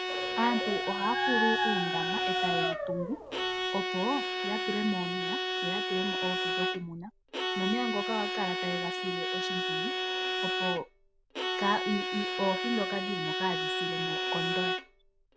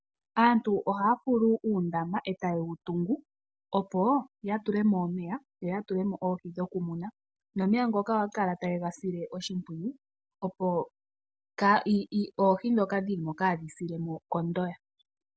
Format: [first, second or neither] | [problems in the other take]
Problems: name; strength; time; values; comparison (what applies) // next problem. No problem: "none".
second | background sound (Dog + Bowed string instrument); 3 dB above the speech